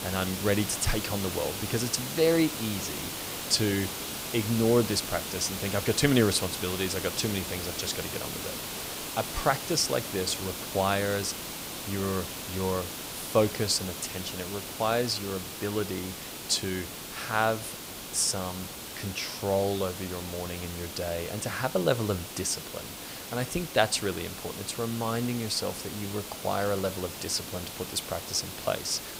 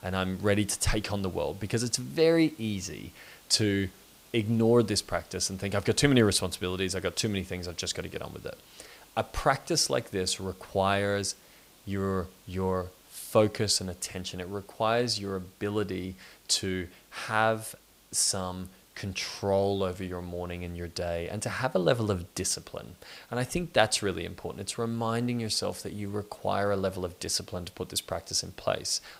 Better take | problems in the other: second | hiss; loud; throughout; 6 dB below the speech; faint in the second

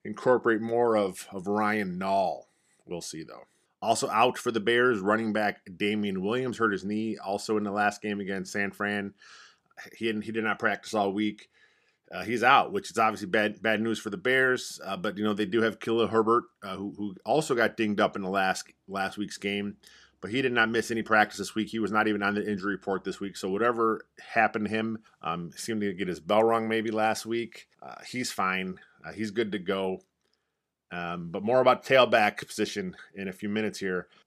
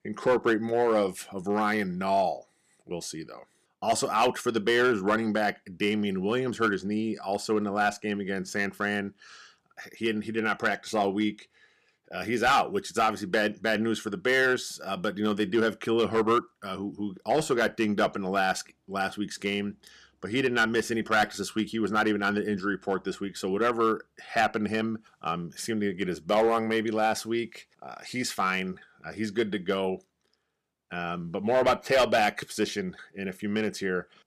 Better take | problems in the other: first | distortion; slight; 2% of the sound clipped

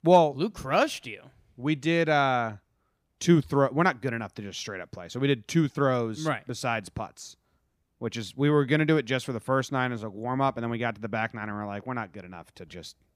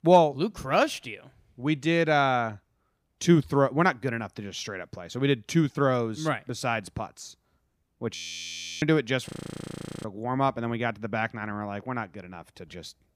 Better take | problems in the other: first | audio freezing; at 8 s for 0.5 s and at 9.5 s for 1 s

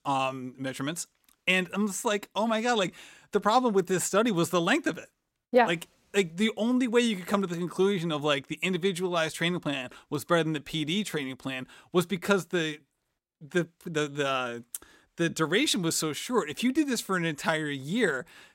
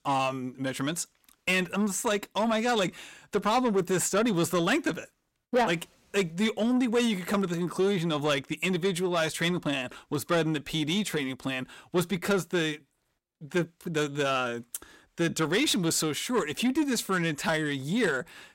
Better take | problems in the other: first | distortion; slight; 10 dB below the speech

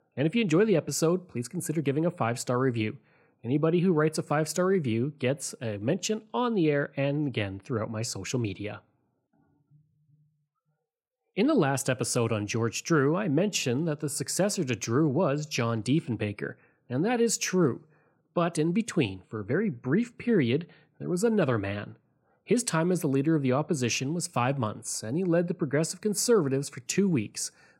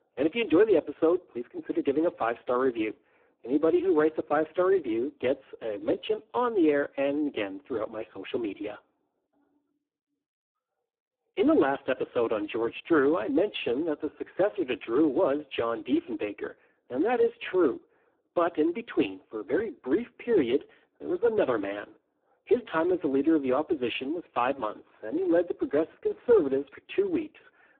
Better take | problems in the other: first | phone-call audio; poor line

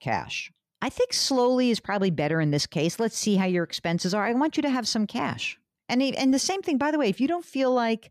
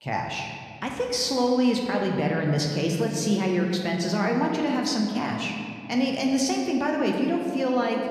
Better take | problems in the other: first | room echo; noticeable; dies away in 1.9 s // off-mic speech; somewhat distant

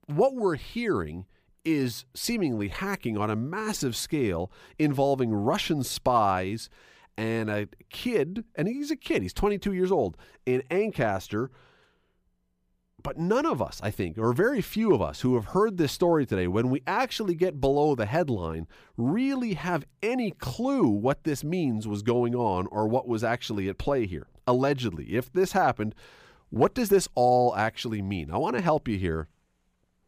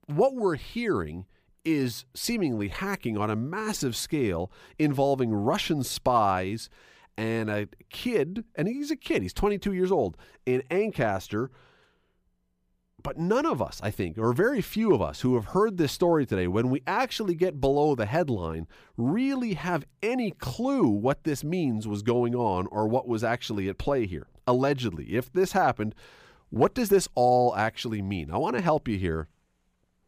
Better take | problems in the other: neither | none

